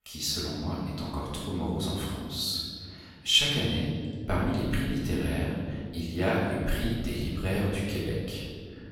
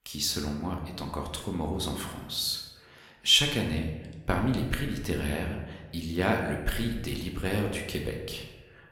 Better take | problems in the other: second | room echo; strong; dies away in 2.2 s; slight in the second // off-mic speech; far

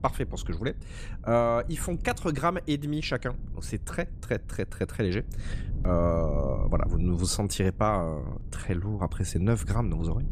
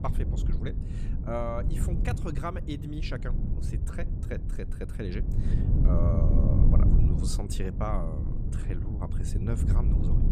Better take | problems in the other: first | low rumble; loud; throughout; 3 dB below the speech; faint in the first

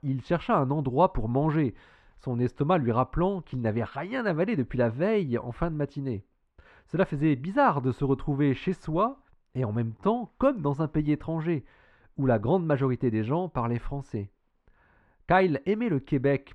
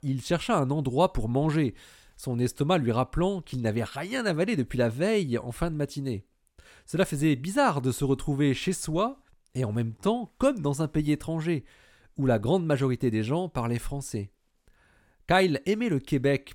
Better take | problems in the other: second | muffled; very; fading above 2 kHz

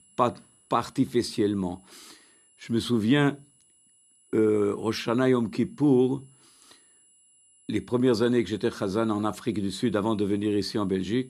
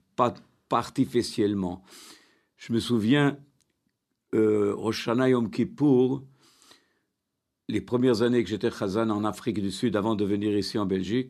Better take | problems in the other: second | high-pitched whine; faint; throughout; 10 kHz, 30 dB below the speech

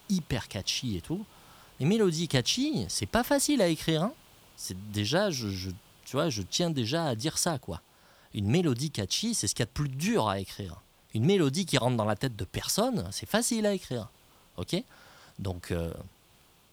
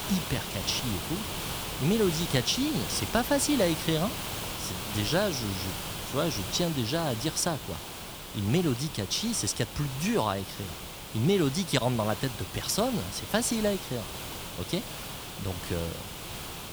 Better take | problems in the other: first | hiss; loud; throughout; 6 dB below the speech; faint in the first

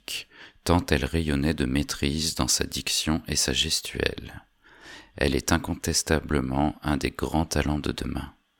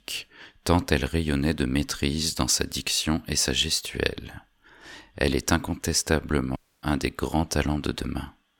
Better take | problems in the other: first | audio cutting out; at 6.5 s

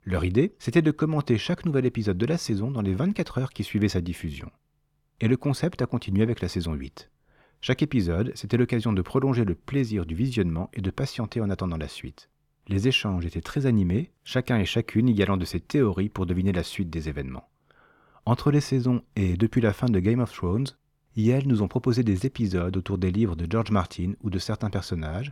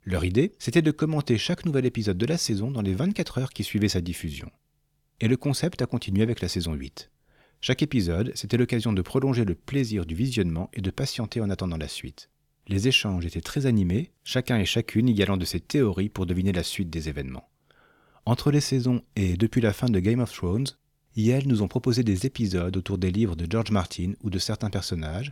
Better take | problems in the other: second | muffled; very slightly; fading above 3 kHz

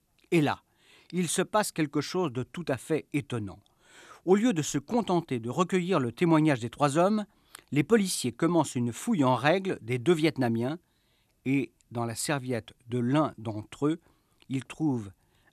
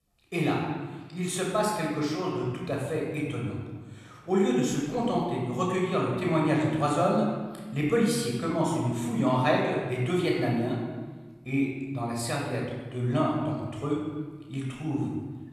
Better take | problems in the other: first | off-mic speech; far // room echo; noticeable; dies away in 1.2 s

